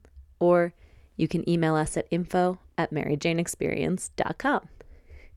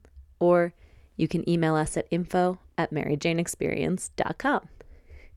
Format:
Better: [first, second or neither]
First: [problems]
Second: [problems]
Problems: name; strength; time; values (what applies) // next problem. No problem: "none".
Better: neither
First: none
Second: none